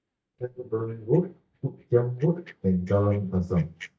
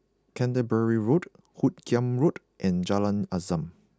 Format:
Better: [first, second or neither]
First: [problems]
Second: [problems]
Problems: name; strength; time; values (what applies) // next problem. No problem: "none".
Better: second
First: noise reduction (neural mask model DeepFilterNet 3)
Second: none